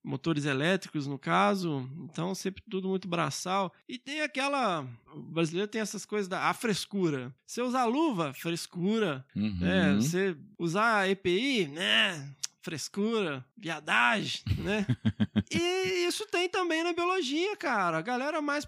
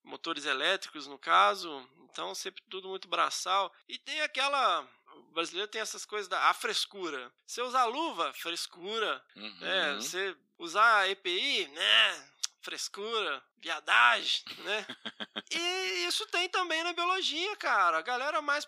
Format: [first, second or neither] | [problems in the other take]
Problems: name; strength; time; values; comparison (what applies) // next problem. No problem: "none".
first | thin; very; fading below 450 Hz